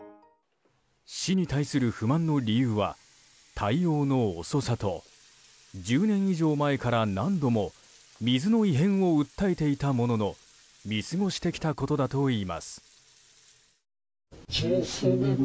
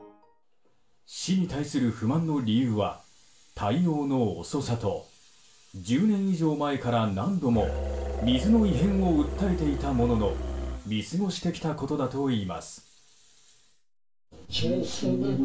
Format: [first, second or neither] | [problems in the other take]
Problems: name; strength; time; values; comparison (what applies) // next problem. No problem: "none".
first | background sound (Musical instrument); 4 dB below the speech // room echo; dies away in 0.3 s